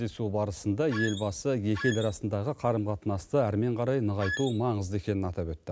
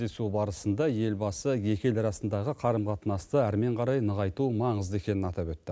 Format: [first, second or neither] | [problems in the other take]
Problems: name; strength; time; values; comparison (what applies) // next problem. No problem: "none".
second | background sound (Squeak); 8 dB below the speech